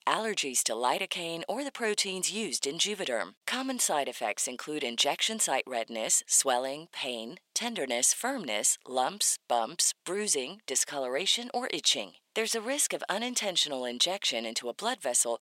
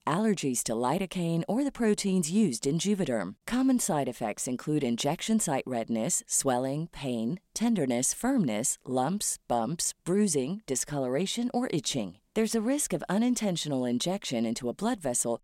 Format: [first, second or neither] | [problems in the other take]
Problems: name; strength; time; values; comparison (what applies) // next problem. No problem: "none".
second | thin; somewhat; fading below 550 Hz